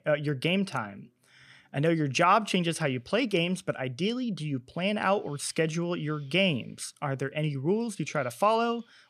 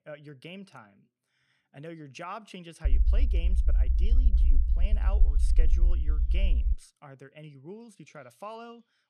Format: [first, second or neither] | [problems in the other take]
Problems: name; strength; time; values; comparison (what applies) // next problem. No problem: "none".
first | low rumble; loud; from 3 to 6.5 s; 6 dB below the speech